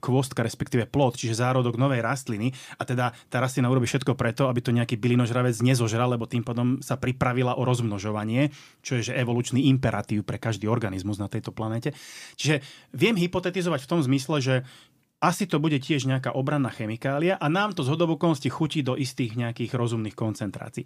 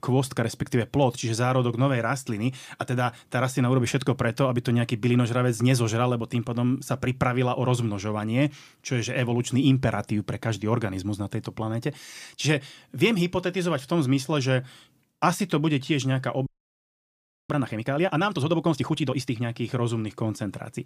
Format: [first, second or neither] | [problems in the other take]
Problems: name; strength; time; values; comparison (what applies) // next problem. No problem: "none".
first | audio freezing; at 16 s for 1 s